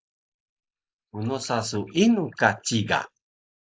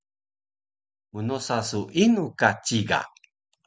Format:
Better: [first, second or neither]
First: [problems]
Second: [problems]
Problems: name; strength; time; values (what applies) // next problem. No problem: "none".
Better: second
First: noise reduction (neural mask model Resemble Enhance denoiser)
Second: none